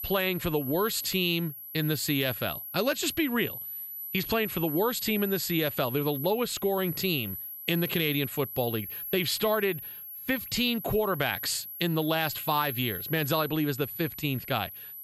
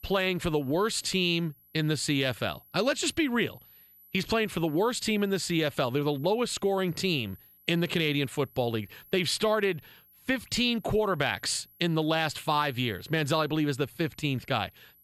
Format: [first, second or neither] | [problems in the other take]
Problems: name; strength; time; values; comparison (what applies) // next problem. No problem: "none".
second | high-pitched whine; loud; throughout; 12 kHz, 7 dB below the speech; faint in the second